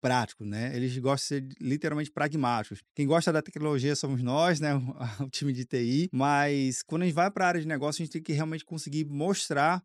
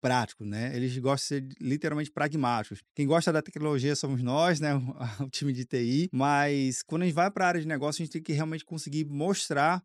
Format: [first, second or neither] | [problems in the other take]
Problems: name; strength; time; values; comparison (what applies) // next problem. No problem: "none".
neither | none